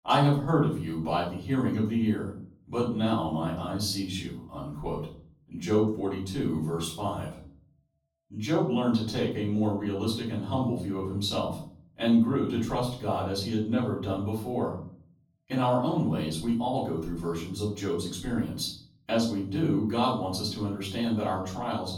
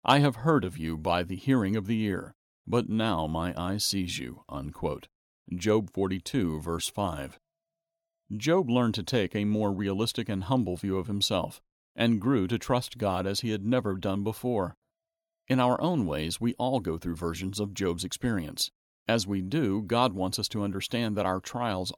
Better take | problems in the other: second | off-mic speech; far // room echo; noticeable; dies away in 0.5 s

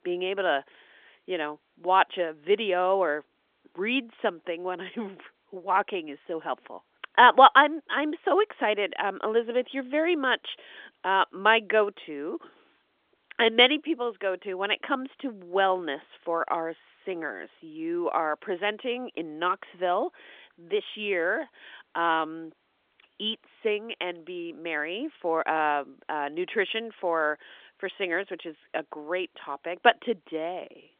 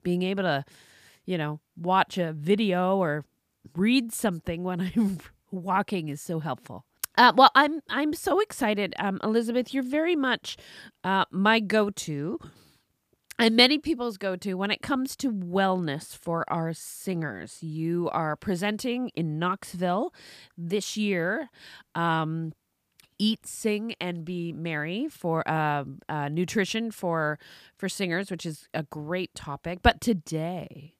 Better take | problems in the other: second | phone-call audio; nothing above 3.5 kHz

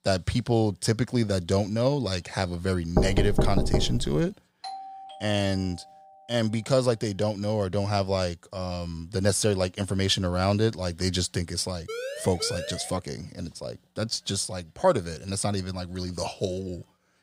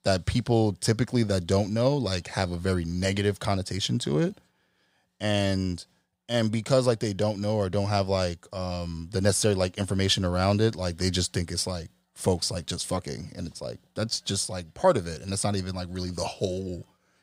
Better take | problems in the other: second | door banging; loud; from 3 to 4 s; peak 2 dB above the speech // doorbell; faint; from 4.5 to 6.5 s; peak 10 dB below the speech // siren; noticeable; from 12 to 13 s; peak 7 dB below the speech

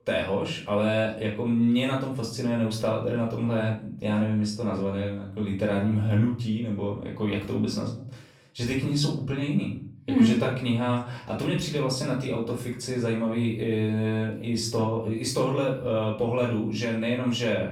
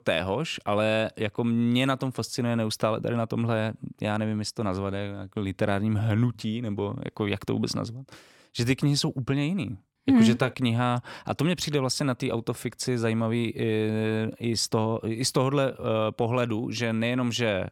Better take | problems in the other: second | off-mic speech; far // room echo; noticeable; dies away in 0.4 s

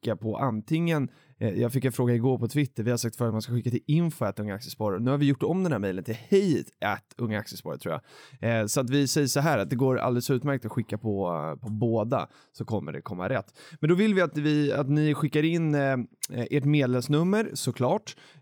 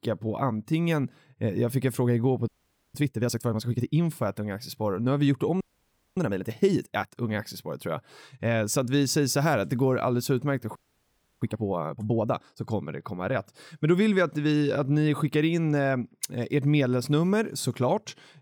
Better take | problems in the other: first | audio freezing; at 2.5 s, at 5.5 s for 0.5 s and at 11 s for 0.5 s

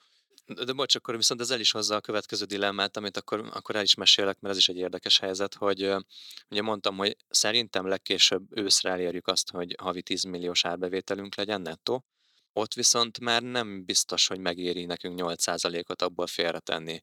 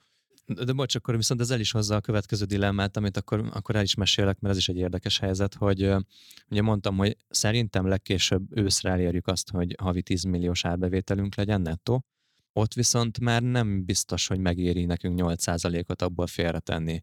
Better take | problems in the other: second | thin; somewhat; fading below 400 Hz

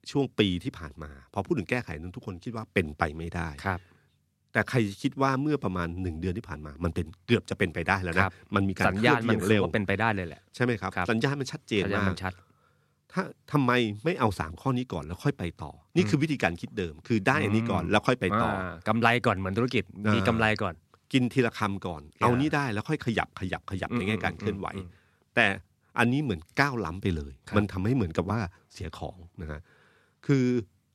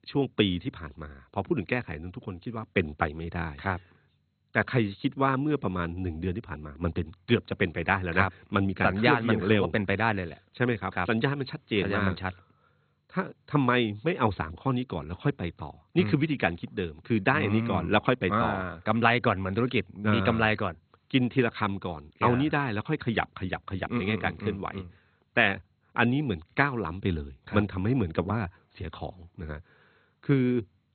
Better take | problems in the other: first | garbled, watery; badly; nothing above 4 kHz

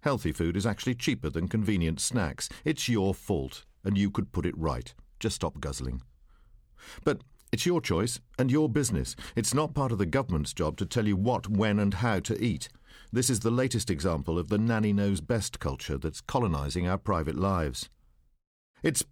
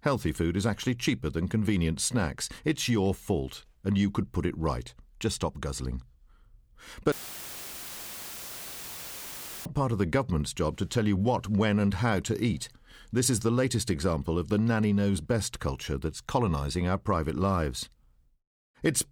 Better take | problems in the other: first | audio cutting out; filled with static; at 7 s for 2.5 s

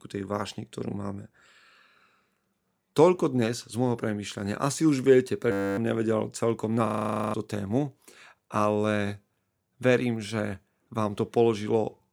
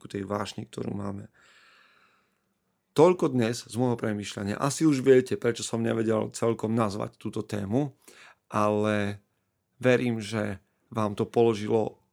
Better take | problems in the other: second | audio freezing; at 5.5 s and at 7 s

